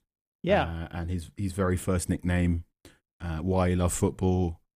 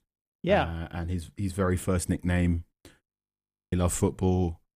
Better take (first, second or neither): first